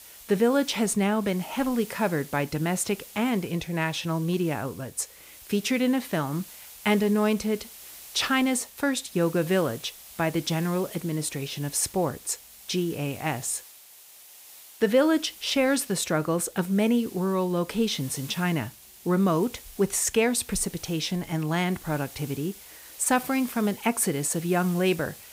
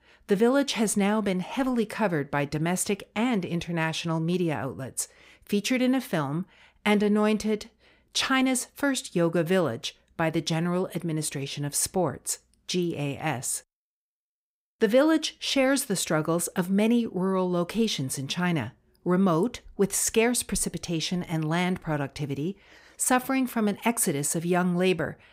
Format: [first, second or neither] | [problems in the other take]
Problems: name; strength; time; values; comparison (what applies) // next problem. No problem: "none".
second | hiss; noticeable; throughout; 15 dB below the speech